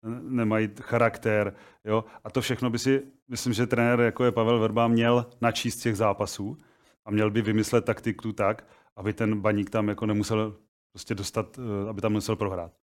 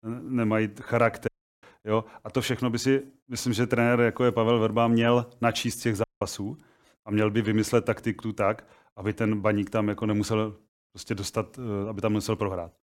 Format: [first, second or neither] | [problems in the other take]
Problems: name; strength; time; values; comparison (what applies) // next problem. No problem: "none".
first | audio cutting out; at 1.5 s and at 6 s